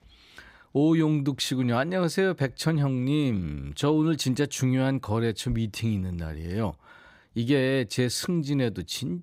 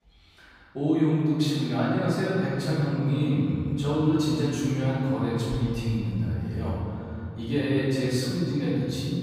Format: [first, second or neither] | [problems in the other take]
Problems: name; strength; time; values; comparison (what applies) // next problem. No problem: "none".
first | off-mic speech; far // room echo; strong; dies away in 2.9 s